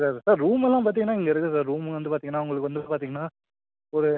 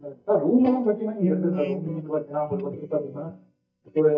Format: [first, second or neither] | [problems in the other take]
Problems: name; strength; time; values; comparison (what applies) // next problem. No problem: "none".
first | noise reduction (neural mask model DeepFilterNet 3)